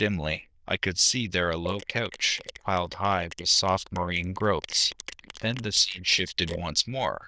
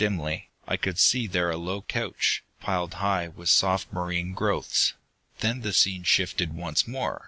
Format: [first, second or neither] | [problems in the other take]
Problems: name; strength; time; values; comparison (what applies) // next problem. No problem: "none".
second | noise reduction (neural diffusion model UNIVERSE++)